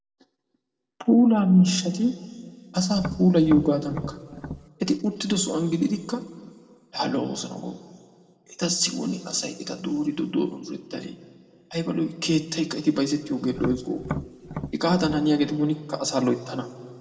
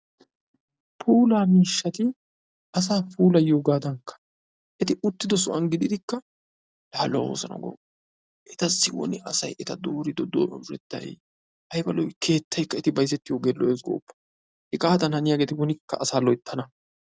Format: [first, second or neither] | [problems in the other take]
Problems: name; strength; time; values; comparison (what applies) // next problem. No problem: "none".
second | background sound (Tap); 9 dB below the speech // room echo; dies away in 1.6 s